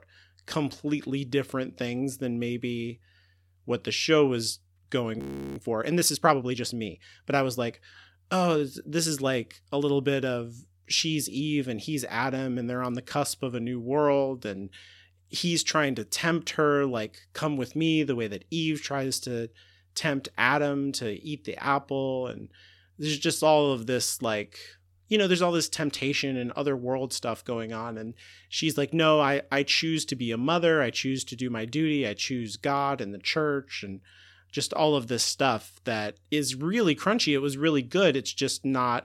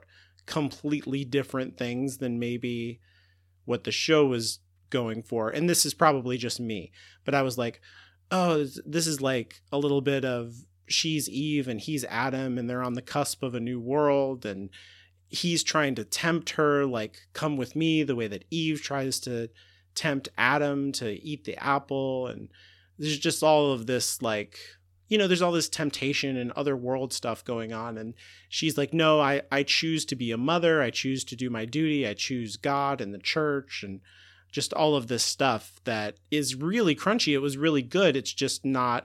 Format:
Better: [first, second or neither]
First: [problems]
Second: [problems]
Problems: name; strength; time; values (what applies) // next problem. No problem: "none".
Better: second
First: audio freezing; at 5 s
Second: none